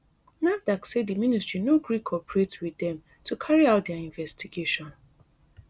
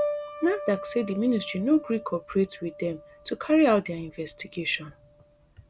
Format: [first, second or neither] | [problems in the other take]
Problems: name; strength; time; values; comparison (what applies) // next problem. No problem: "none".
first | background sound (Piano); 11 dB below the speech